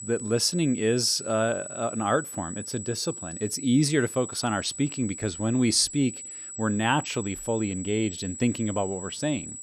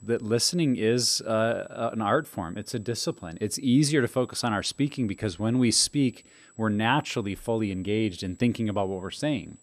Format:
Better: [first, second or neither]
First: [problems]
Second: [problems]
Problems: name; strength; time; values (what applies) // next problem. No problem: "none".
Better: second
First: high-pitched whine; loud; throughout; 8 kHz, 10 dB below the speech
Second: high-pitched whine; faint; throughout; 8 kHz, 30 dB below the speech